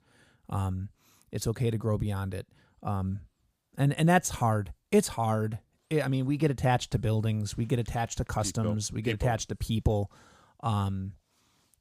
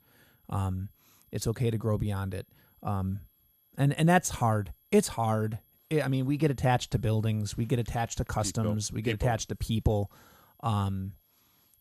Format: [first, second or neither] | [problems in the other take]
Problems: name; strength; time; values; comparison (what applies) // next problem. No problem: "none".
first | high-pitched whine; faint; throughout; 11.5 kHz, 35 dB below the speech